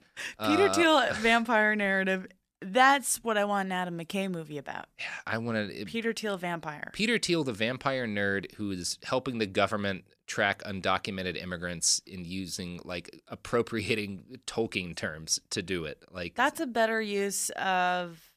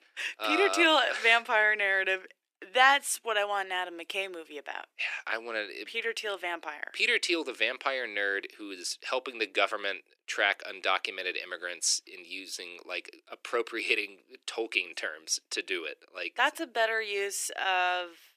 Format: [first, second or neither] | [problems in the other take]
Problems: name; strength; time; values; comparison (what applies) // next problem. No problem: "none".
first | thin; very; fading below 350 Hz